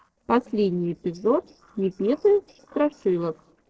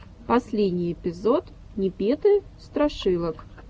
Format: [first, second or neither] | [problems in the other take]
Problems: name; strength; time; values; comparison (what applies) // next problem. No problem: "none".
second | noise reduction (neural separator model SepFormer DNS4)